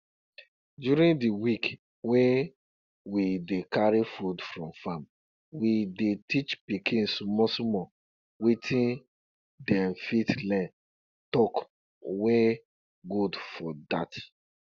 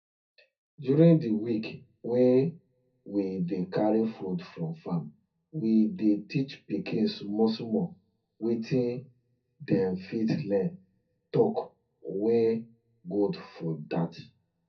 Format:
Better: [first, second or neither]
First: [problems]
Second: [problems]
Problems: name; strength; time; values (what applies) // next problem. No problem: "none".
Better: first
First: none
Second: room echo; dies away in 0.3 s